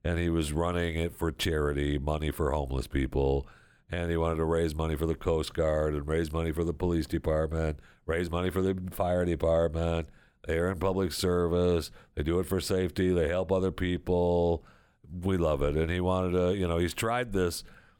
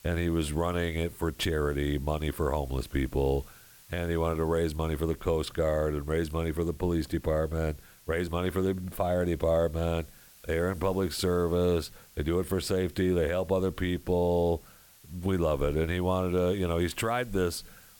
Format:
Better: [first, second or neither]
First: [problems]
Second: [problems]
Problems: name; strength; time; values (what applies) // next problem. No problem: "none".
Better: first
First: none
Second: hiss; faint; throughout; 25 dB below the speech